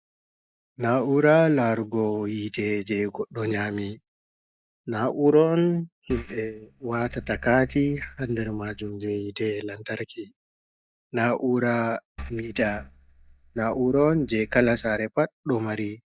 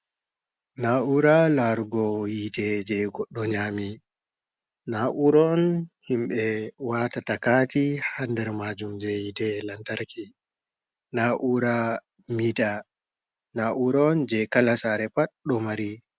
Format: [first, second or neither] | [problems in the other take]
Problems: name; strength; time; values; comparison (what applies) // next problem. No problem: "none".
second | noise reduction (neural mask model DeepFilterNet 3)